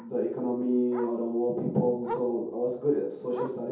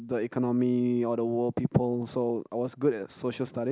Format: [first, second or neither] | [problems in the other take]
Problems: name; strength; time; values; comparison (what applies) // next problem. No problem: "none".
second | background sound (Bark); 14 dB below the speech // room echo; dies away in 0.7 s